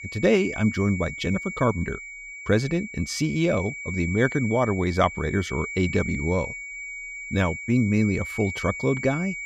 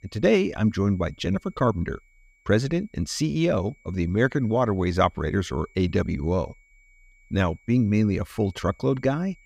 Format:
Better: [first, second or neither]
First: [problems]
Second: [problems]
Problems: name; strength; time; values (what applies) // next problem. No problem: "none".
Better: second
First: high-pitched whine; loud; throughout; 2.5 kHz, 8 dB below the speech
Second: high-pitched whine; faint; throughout; 2.5 kHz, 35 dB below the speech